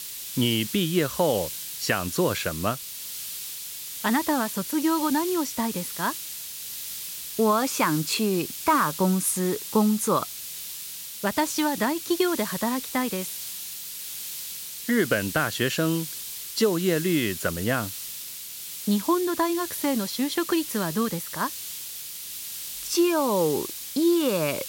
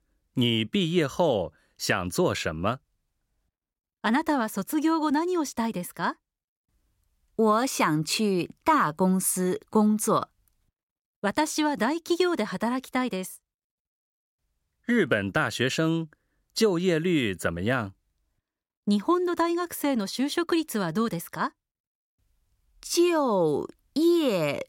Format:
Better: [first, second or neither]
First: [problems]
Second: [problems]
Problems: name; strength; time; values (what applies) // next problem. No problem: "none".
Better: second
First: hiss; loud; throughout; 7 dB below the speech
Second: none